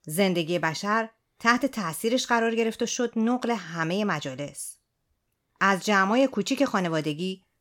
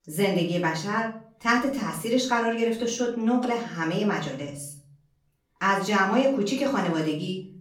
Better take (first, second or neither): first